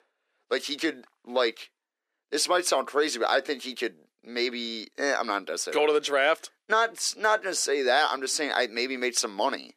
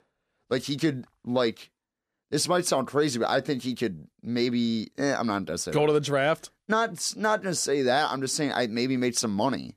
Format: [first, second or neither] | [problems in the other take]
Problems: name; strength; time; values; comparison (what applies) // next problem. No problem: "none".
second | thin; somewhat; fading below 350 Hz